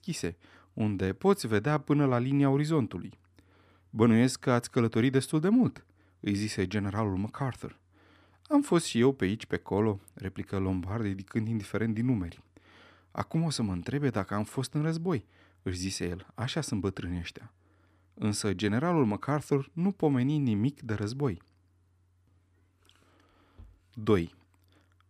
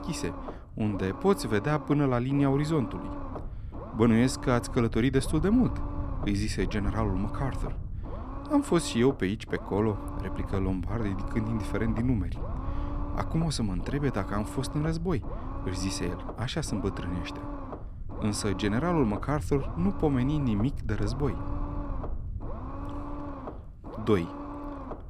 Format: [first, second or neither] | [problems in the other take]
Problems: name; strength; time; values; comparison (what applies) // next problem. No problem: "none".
first | low rumble; loud; throughout; 10 dB below the speech